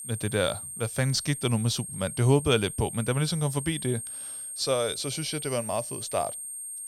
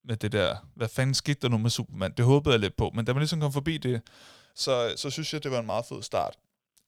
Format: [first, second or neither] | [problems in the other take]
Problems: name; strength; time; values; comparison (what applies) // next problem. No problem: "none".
second | high-pitched whine; loud; throughout; 8.5 kHz, 7 dB below the speech